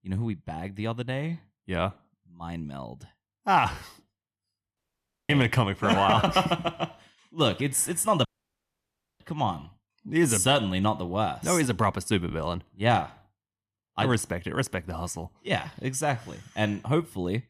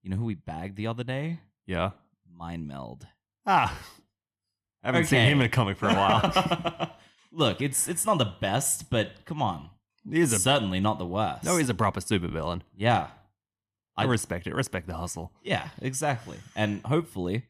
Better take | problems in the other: second | audio cutting out; at 5 s for 0.5 s and at 8.5 s for 1 s

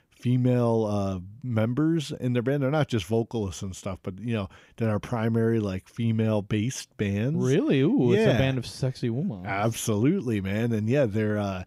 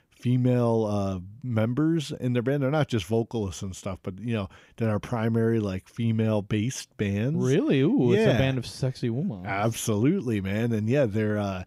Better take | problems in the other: neither | none

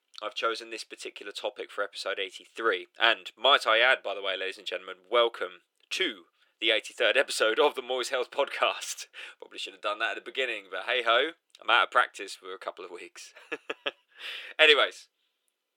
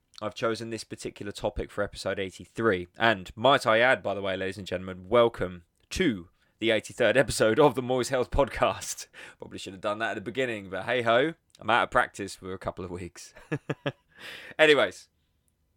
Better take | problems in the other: second | thin; very; fading below 400 Hz

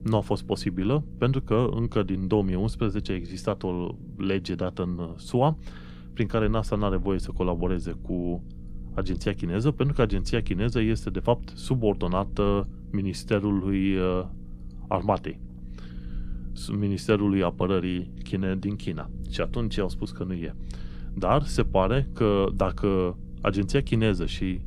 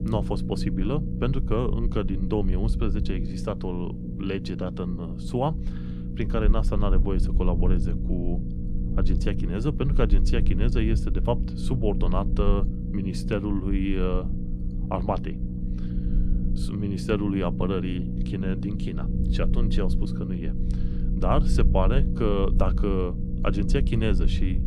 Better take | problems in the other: first | low rumble; loud; throughout; 8 dB below the speech; faint in the first

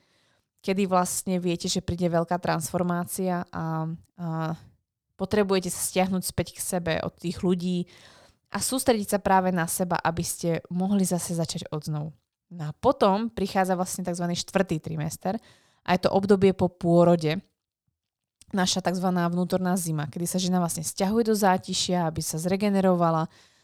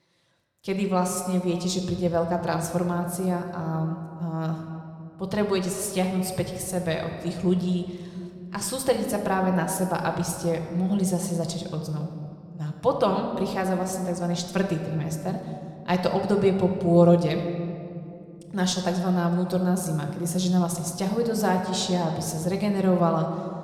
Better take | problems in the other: first | room echo; slight; dies away in 2 s

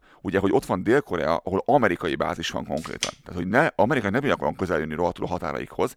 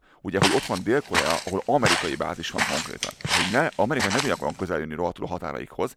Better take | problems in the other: first | footsteps; loud; until 4.5 s; peak 4 dB above the speech

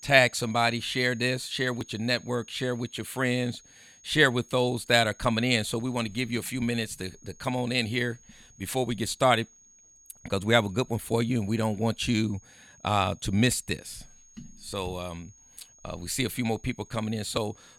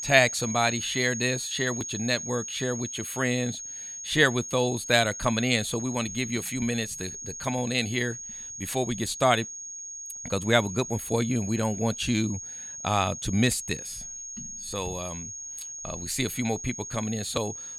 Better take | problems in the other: first | high-pitched whine; loud; throughout; 6.5 kHz, 8 dB below the speech; faint in the first

